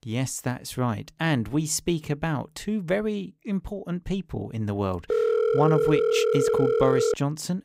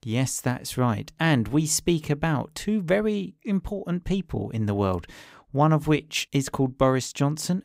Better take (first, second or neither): second